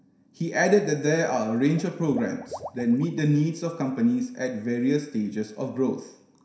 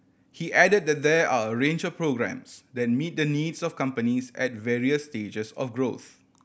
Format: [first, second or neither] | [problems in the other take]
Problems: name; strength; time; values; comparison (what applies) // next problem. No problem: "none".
second | background sound (Water / Liquid); 19 dB below the speech // room echo; dies away in 0.7 s